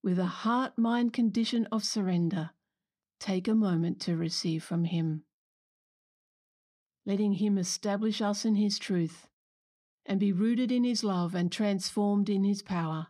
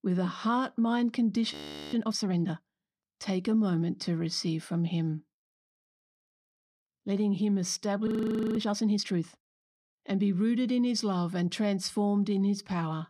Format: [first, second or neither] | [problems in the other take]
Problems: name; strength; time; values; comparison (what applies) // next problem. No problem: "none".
first | audio freezing; at 1.5 s and at 8 s